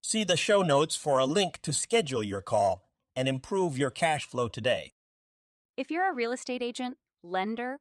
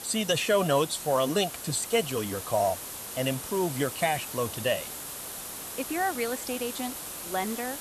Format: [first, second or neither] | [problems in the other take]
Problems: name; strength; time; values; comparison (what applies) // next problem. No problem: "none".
first | hiss; loud; throughout; 8 dB below the speech